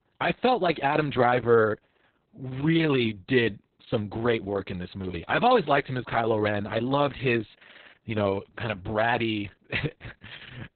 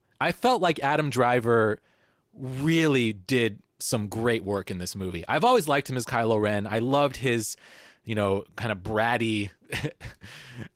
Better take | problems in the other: second | garbled, watery; badly; nothing above 4 kHz; slightly in the second

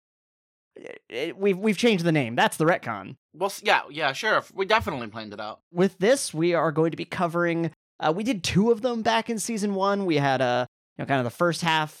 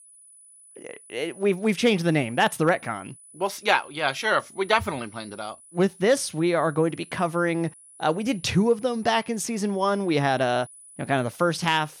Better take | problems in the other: first | high-pitched whine; faint; throughout; 10 kHz, 25 dB below the speech

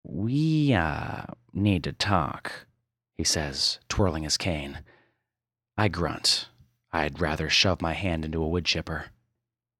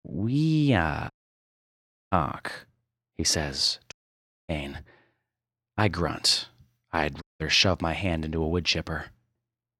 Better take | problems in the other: first | audio cutting out; at 1 s for 1 s, at 4 s for 0.5 s and at 7 s

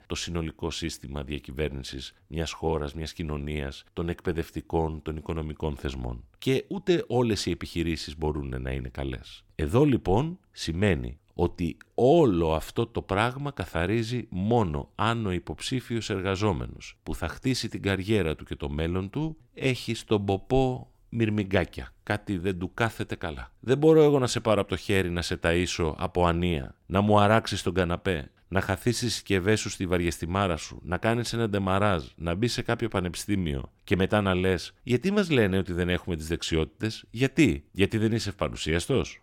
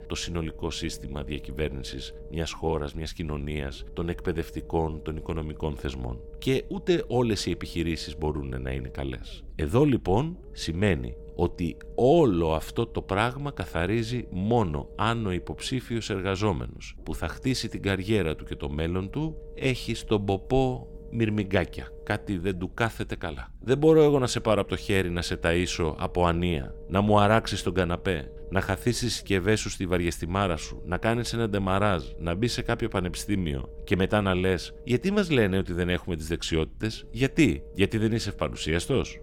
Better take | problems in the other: first | low rumble; faint; throughout; 20 dB below the speech

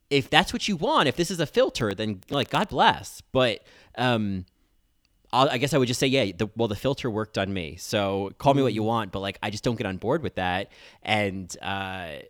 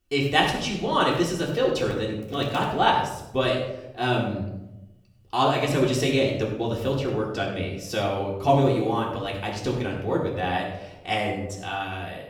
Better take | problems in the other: first | off-mic speech; far // room echo; noticeable; dies away in 0.8 s

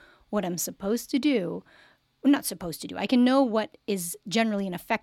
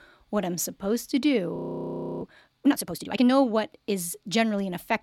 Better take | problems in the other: first | audio freezing; at 1.5 s for 0.5 s

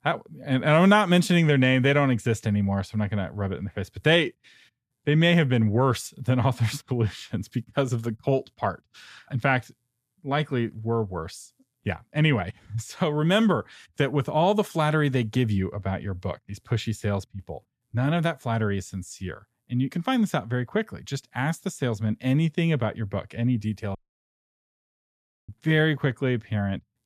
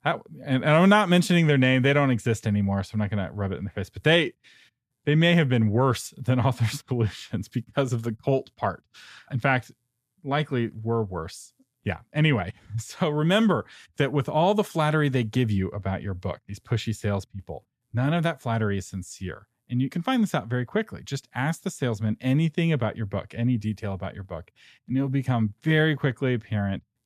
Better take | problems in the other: second | audio cutting out; at 24 s for 1.5 s

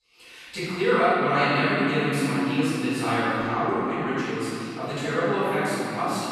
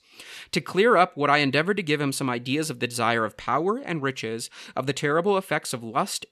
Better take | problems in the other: second | off-mic speech; far // room echo; strong; dies away in 3 s

